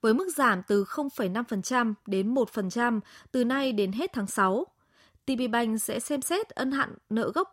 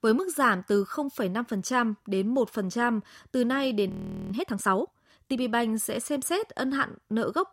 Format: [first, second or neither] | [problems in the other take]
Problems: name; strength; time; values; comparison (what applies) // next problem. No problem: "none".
first | audio freezing; at 4 s